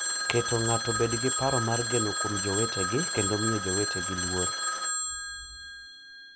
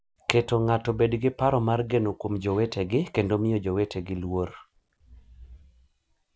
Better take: second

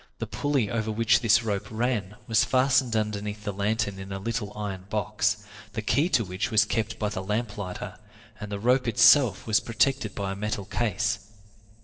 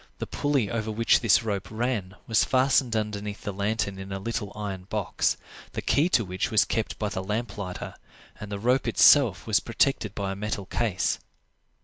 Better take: second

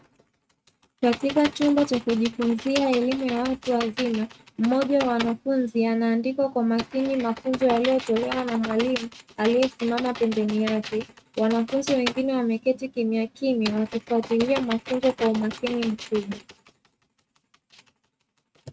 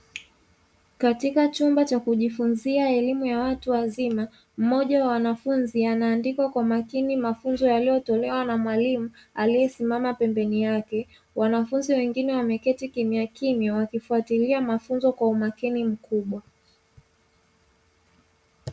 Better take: second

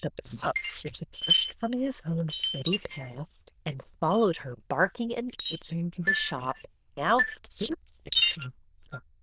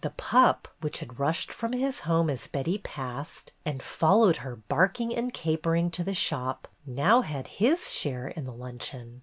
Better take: second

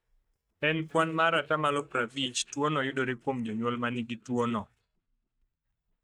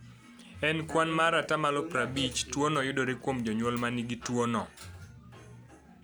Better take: second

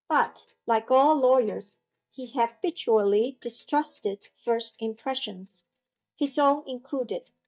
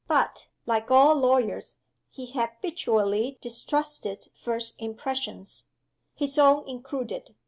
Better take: second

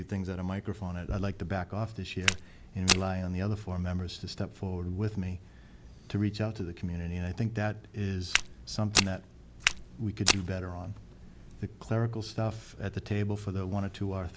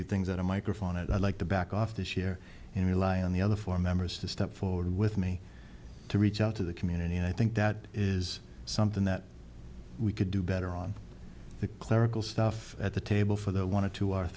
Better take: second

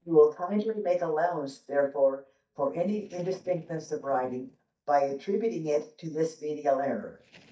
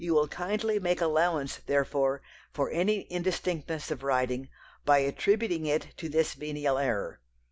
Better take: second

